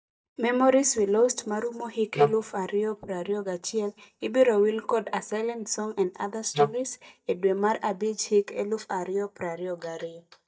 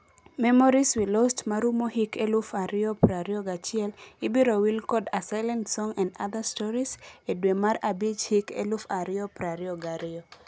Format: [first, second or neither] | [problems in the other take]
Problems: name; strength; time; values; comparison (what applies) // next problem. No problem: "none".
second | noise reduction (neural mask model DeepFilterNet 3)